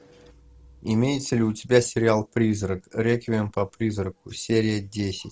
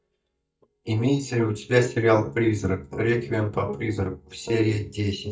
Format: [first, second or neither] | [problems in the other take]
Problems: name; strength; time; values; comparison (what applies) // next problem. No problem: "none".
first | noise reduction (neural mask model DeepFilterNet 3)